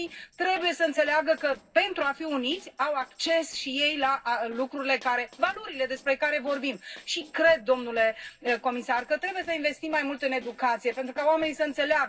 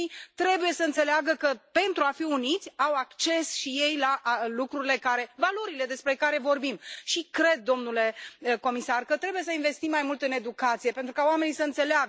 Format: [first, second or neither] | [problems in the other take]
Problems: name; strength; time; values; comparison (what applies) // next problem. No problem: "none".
second | noise reduction (neural separator model SepFormer DNS4)